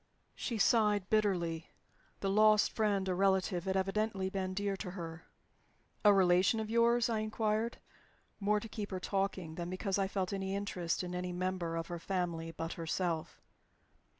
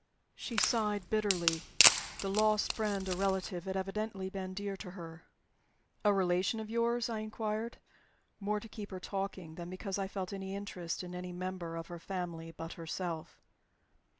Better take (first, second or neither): first